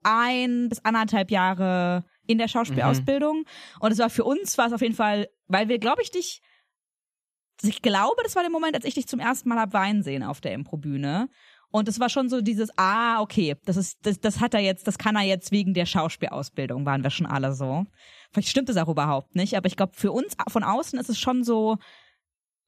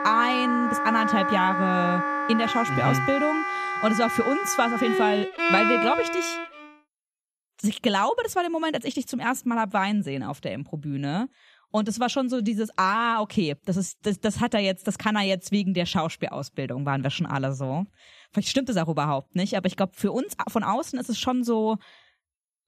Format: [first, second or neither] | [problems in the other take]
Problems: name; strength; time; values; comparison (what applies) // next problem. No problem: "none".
first | background music; very loud; until 6.5 s; as loud as the speech